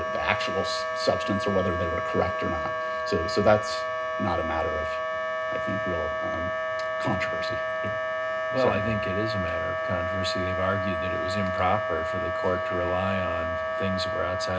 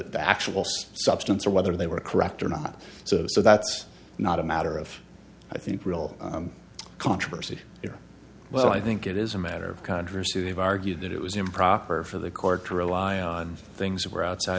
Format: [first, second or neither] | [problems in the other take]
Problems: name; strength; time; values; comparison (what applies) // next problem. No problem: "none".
second | background sound (Wind instrument, woodwind instrument); 1 dB above the speech // room echo; dies away in 0.2 s